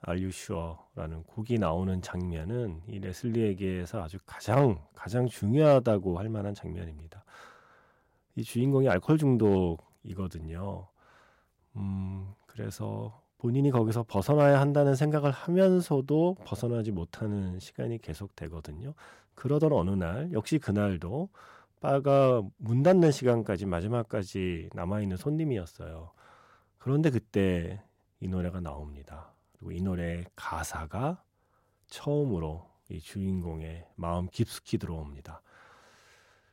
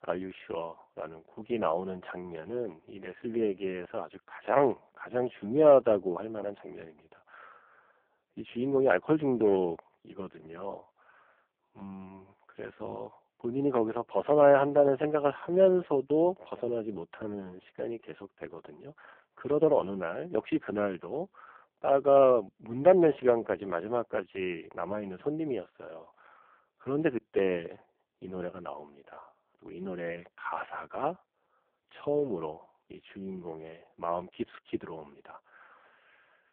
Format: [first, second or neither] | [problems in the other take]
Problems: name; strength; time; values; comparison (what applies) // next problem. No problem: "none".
first | phone-call audio; poor line